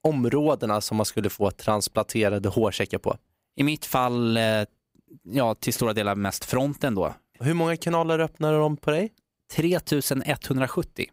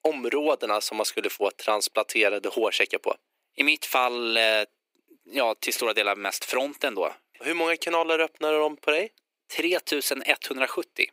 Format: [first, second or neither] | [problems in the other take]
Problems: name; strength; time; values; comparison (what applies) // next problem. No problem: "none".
first | thin; somewhat; fading below 350 Hz